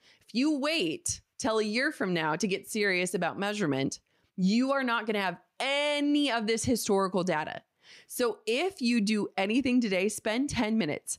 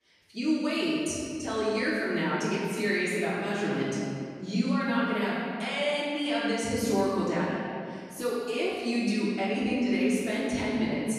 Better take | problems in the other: first | off-mic speech; far // room echo; strong; dies away in 2.1 s

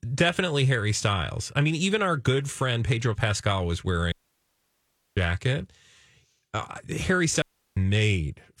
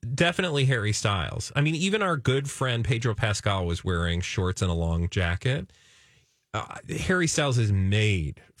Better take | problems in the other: second | audio cutting out; at 4 s for 1 s and at 7.5 s

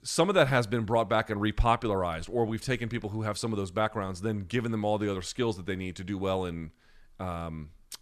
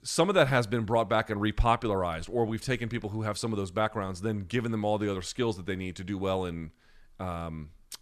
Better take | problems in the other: neither | none

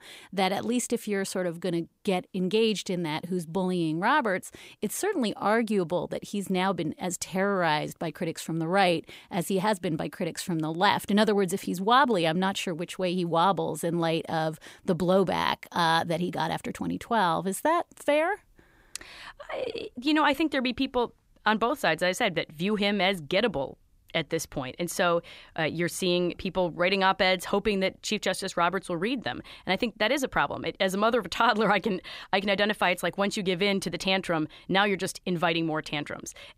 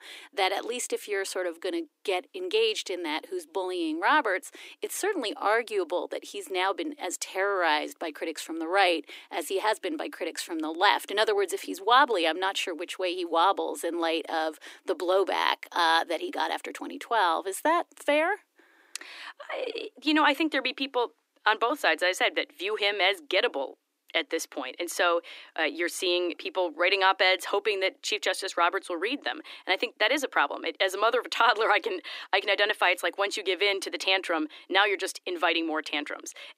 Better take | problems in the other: first | thin; somewhat; fading below 300 Hz

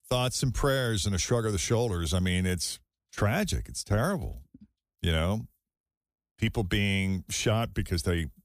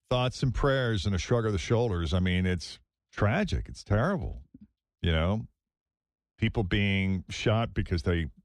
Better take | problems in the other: first | muffled; slightly; fading above 3.5 kHz

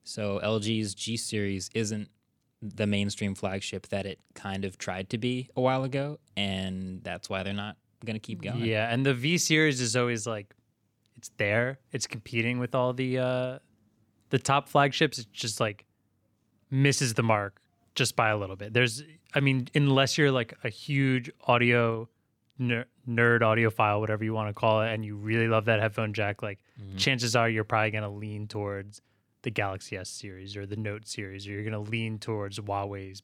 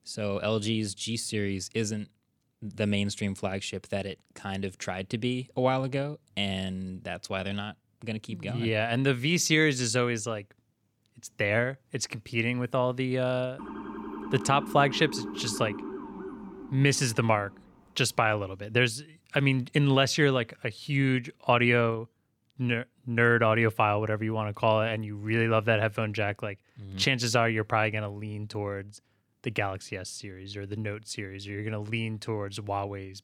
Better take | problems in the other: first | siren; noticeable; from 14 to 18 s; peak 9 dB below the speech

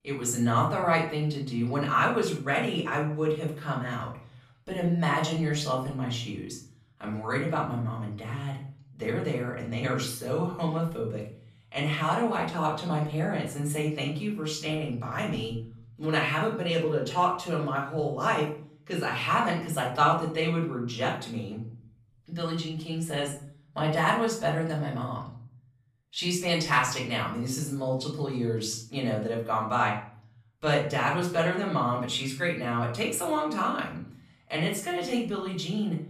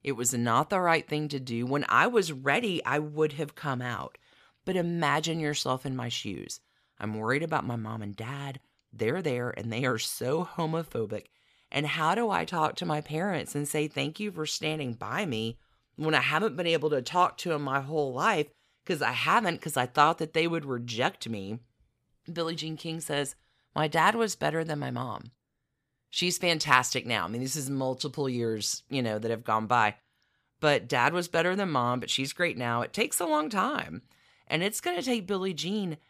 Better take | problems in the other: second | off-mic speech; far // room echo; slight; dies away in 0.5 s

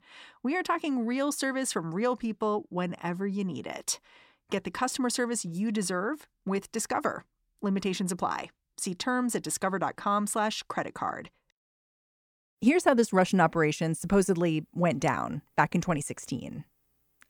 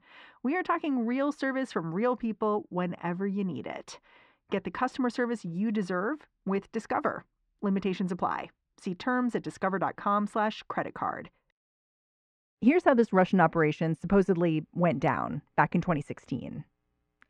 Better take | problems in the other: first | muffled; very; fading above 2.5 kHz

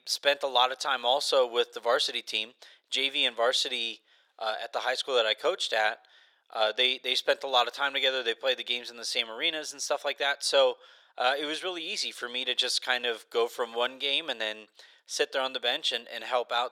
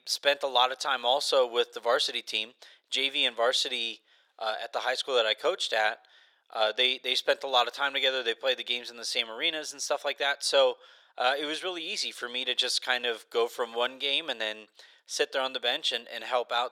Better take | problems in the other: neither | thin; very; fading below 500 Hz; the same in both

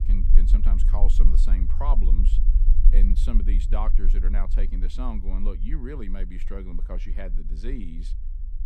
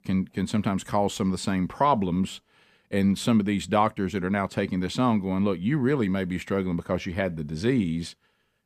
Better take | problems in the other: second | low rumble; loud; throughout; 9 dB below the speech

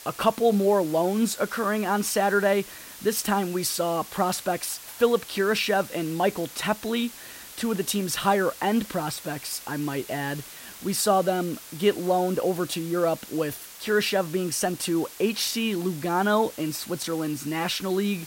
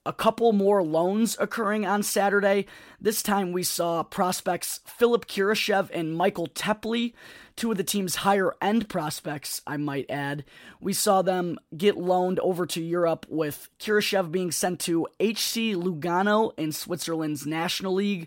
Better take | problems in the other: second | hiss; noticeable; throughout; 15 dB below the speech

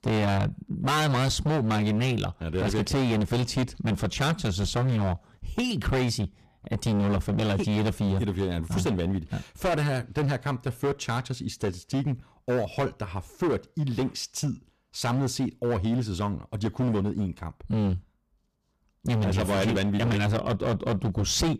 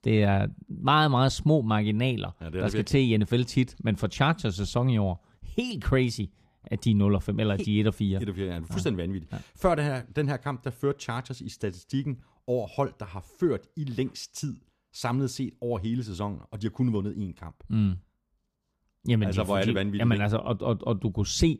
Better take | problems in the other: second | distortion; heavy; 19% of the sound clipped

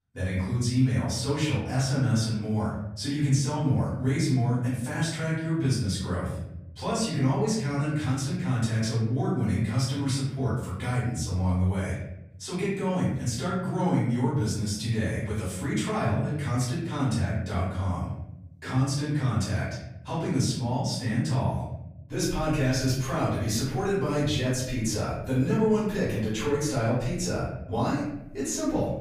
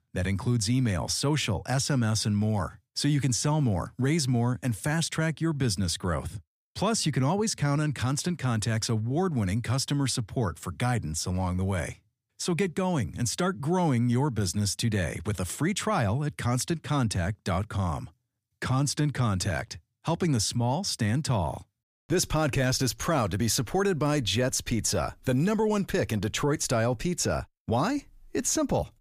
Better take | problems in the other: second | off-mic speech; far // room echo; noticeable; dies away in 0.8 s

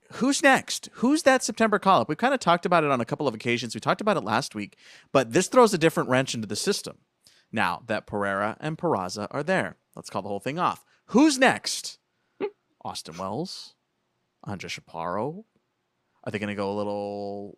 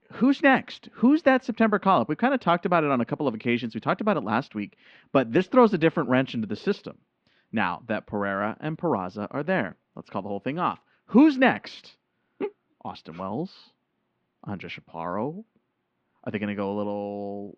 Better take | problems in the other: first | muffled; very; fading above 3.5 kHz

